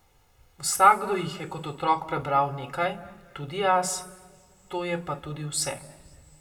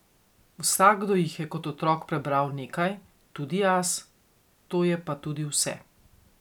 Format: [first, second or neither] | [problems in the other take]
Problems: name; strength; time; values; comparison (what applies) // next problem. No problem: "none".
second | room echo; dies away in 1.1 s